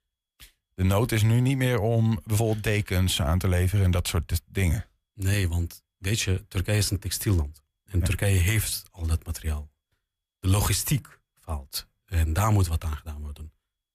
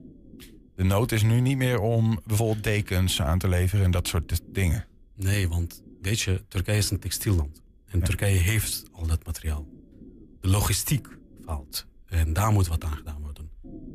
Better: first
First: none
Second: low rumble; faint; throughout; 25 dB below the speech

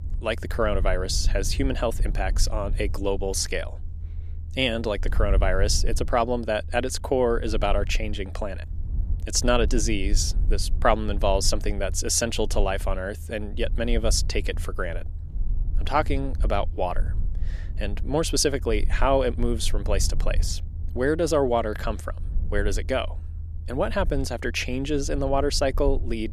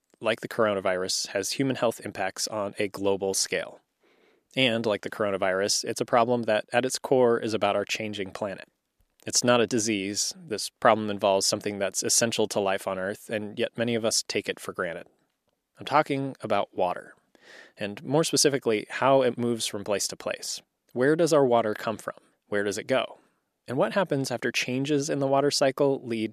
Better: second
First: low rumble; faint; throughout; 25 dB below the speech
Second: none

